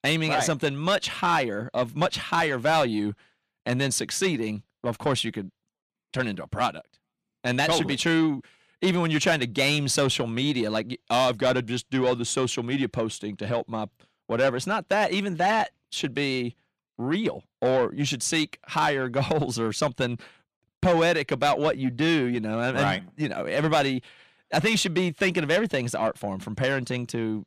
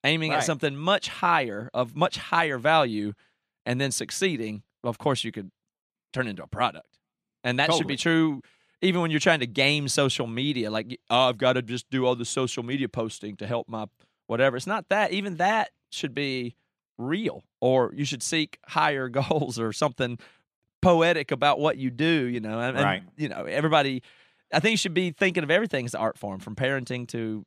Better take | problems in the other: second | distortion; slight; 10 dB below the speech

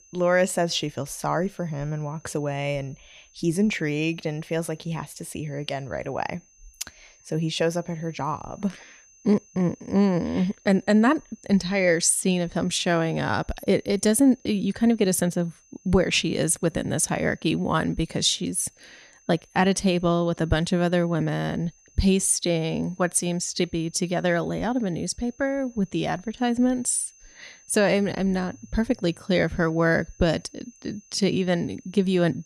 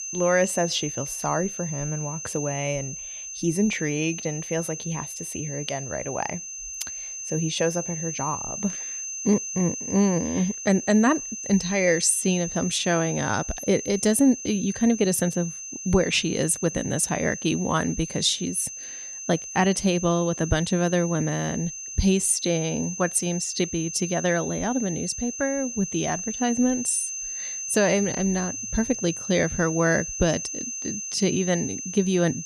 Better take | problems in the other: first | high-pitched whine; loud; throughout; 6.5 kHz, 7 dB below the speech; faint in the first

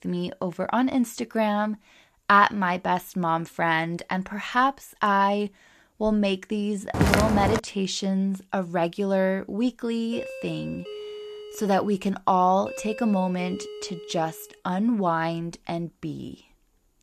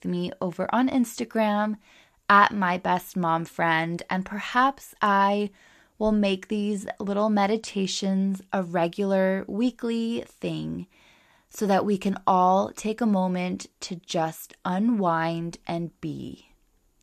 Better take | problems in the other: second | footsteps; loud; at 7 s; peak 4 dB above the speech // doorbell; faint; from 10 to 15 s; peak 10 dB below the speech

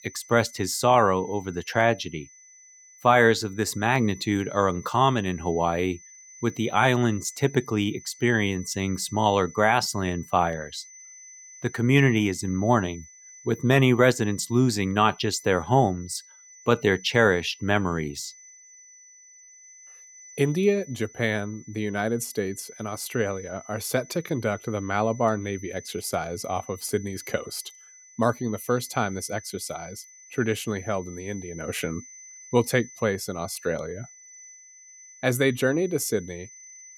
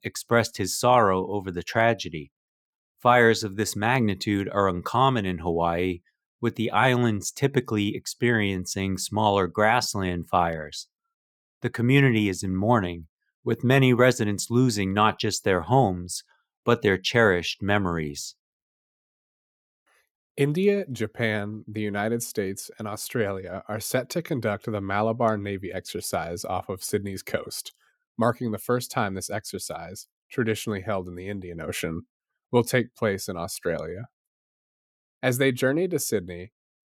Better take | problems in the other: second | high-pitched whine; faint; throughout; 6 kHz, 20 dB below the speech

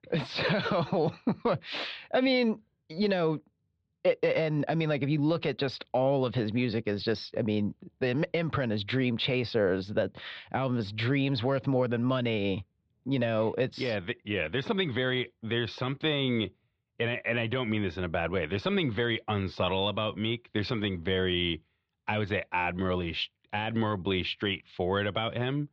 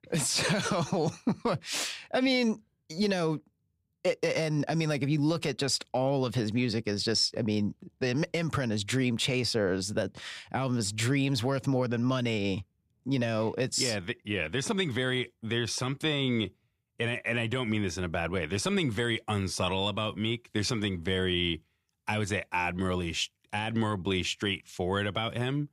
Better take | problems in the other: second | muffled; slightly; fading above 4 kHz

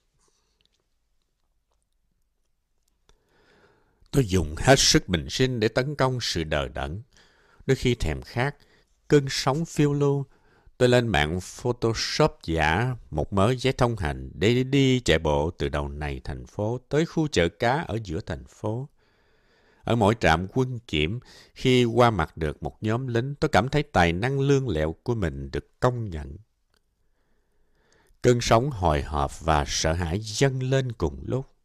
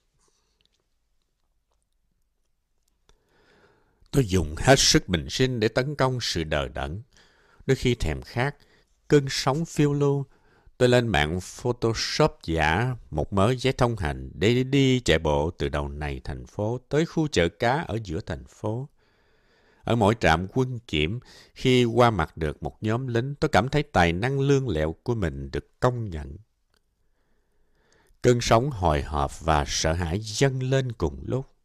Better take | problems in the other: neither | none

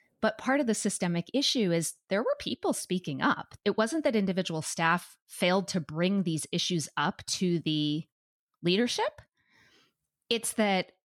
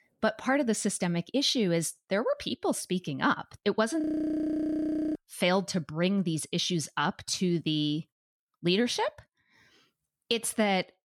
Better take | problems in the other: first | audio freezing; at 4 s for 1 s

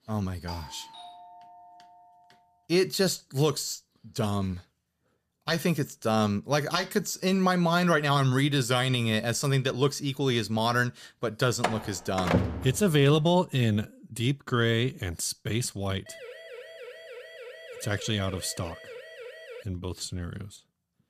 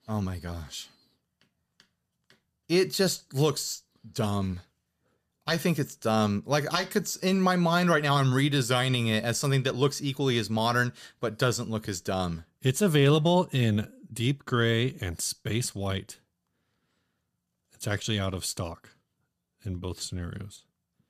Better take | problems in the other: second | doorbell; faint; until 2 s; peak 15 dB below the speech // door banging; noticeable; from 12 to 13 s; peak level with the speech // siren; faint; from 16 to 20 s; peak 15 dB below the speech

